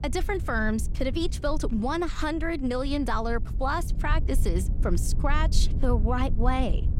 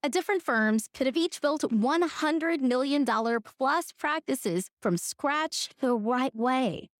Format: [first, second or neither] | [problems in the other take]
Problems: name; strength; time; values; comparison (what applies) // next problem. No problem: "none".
second | low rumble; noticeable; throughout; 15 dB below the speech